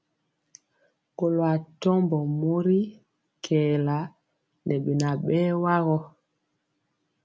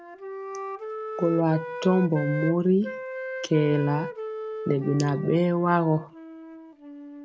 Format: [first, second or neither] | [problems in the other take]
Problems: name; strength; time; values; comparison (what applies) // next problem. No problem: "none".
first | background sound (Wind instrument, woodwind instrument); 9 dB below the speech